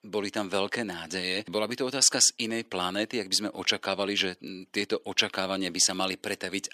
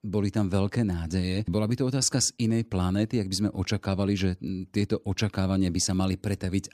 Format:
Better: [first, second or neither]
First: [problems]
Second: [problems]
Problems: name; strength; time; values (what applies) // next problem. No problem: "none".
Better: second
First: thin; somewhat; fading below 450 Hz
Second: none